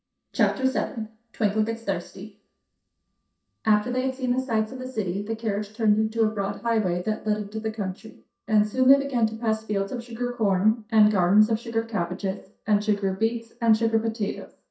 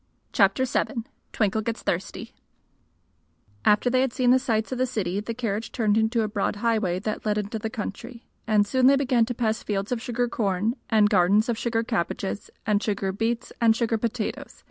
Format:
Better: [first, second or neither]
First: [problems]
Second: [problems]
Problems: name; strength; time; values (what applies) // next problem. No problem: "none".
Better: second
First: noise reduction (neural mask model DeepFilterNet 3)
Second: none